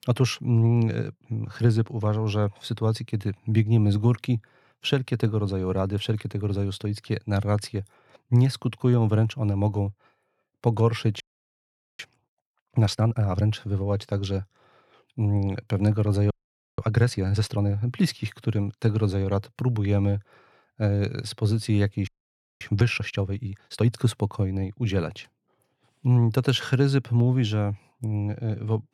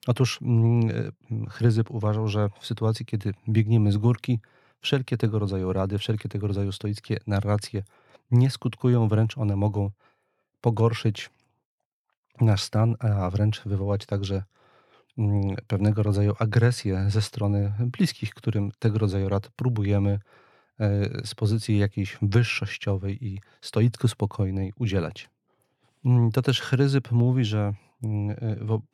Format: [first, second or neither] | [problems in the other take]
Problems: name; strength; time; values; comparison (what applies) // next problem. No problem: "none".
second | audio freezing; at 11 s for 1 s, at 16 s and at 22 s for 0.5 s